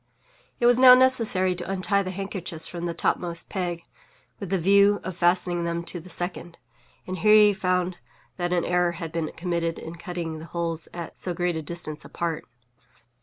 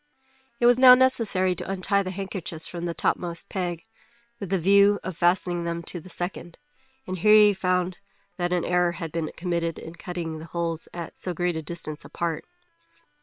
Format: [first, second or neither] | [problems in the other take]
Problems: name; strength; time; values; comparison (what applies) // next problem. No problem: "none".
first | noise reduction (neural separator model SepFormer WHAM!)